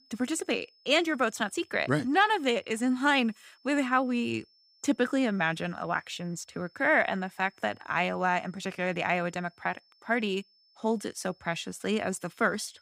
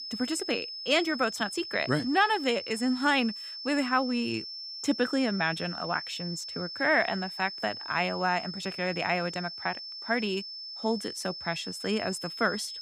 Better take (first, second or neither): first